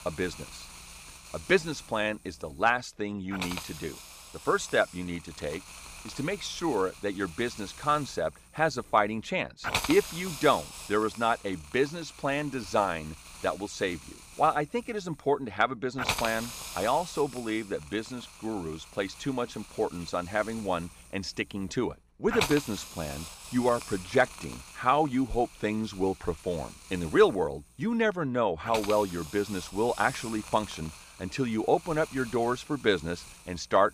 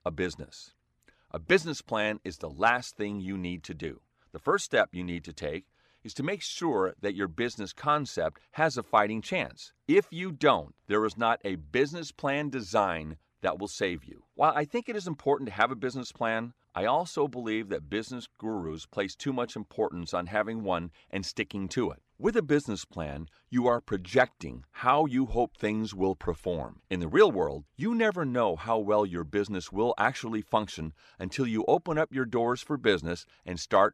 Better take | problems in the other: second | hiss; noticeable; throughout; 10 dB below the speech

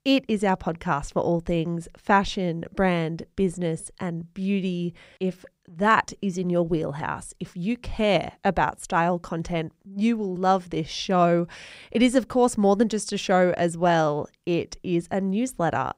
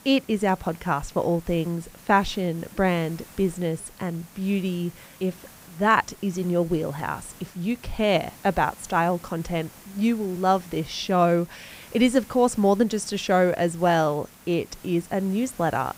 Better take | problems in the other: first | hiss; faint; throughout; 20 dB below the speech

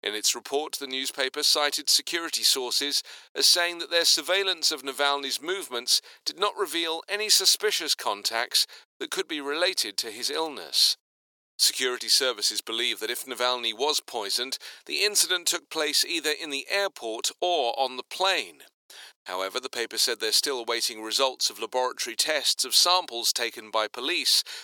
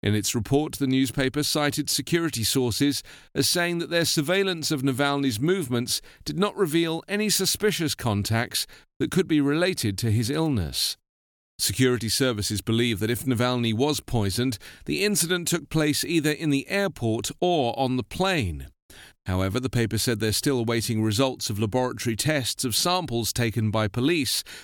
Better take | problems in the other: second | thin; very; fading below 450 Hz

